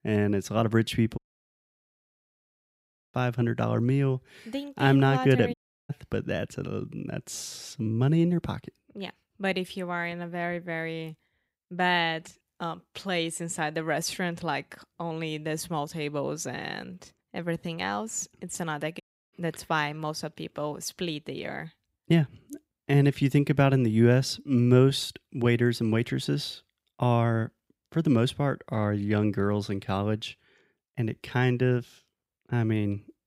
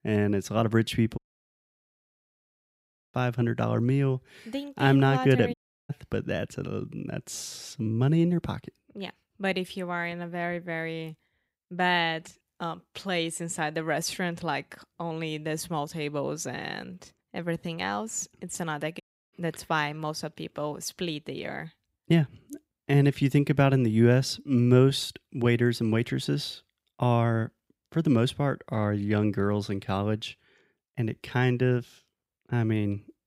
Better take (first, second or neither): neither